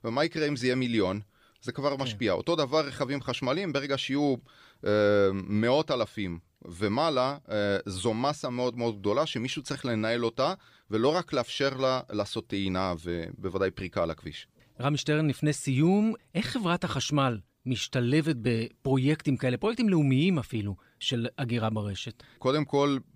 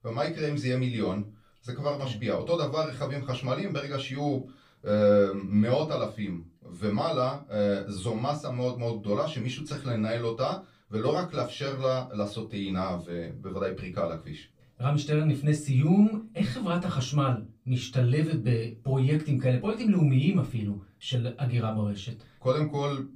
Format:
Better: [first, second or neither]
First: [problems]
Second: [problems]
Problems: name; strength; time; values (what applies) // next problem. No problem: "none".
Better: first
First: none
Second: off-mic speech; far // room echo; very slight; dies away in 0.2 s